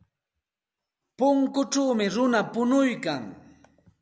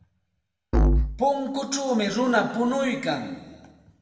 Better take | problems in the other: first | background sound (Musical instrument); as loud as the speech // room echo; dies away in 1.2 s

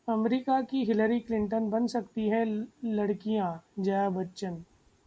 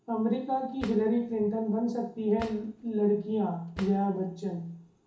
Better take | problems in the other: first | background sound (Drawer open or close); 19 dB below the speech // room echo; dies away in 0.7 s

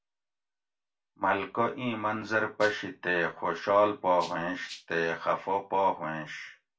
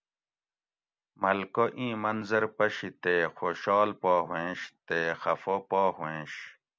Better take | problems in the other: second | background sound (Rattle (instrument)); 16 dB below the speech // room echo; dies away in 0.2 s

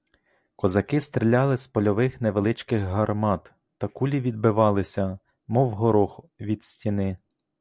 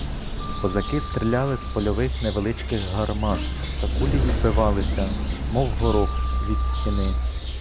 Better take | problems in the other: first | background sound (Bird vocalization, bird call, bird song + Sliding door); 1 dB above the speech

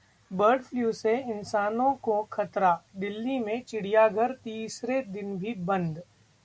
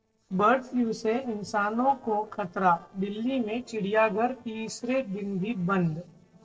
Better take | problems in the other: first | noise reduction (neural separator model SepFormer DNS4)

